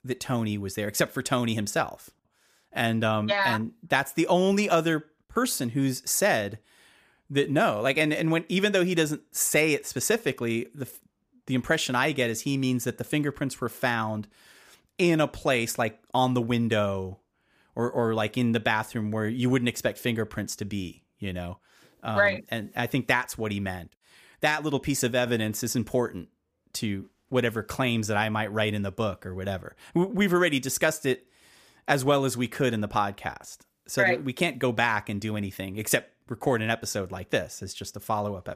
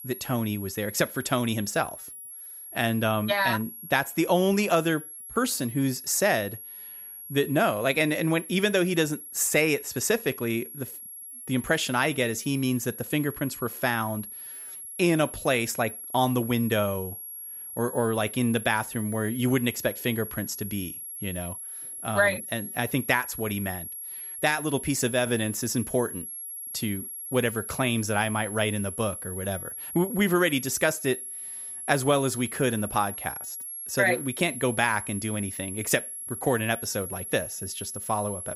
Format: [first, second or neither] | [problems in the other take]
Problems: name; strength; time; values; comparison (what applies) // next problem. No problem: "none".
first | high-pitched whine; loud; throughout; 11 kHz, 9 dB below the speech